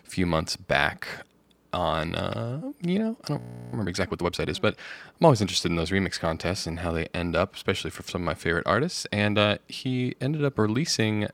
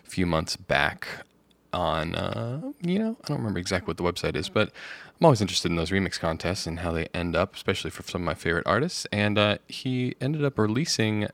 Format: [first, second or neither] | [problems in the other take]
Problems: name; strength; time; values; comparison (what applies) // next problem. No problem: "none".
second | audio freezing; at 3.5 s